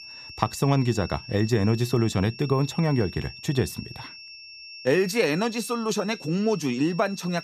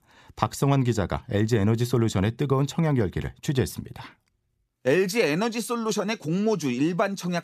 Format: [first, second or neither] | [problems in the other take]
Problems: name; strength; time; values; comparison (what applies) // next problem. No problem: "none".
second | high-pitched whine; noticeable; throughout; 5.5 kHz, 15 dB below the speech